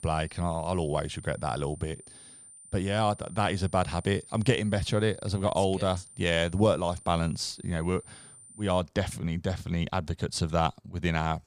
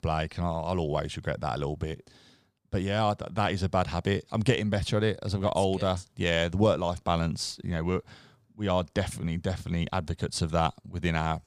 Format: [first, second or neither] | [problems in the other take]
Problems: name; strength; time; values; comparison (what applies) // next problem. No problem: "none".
second | high-pitched whine; noticeable; until 9 s; 9 kHz, 20 dB below the speech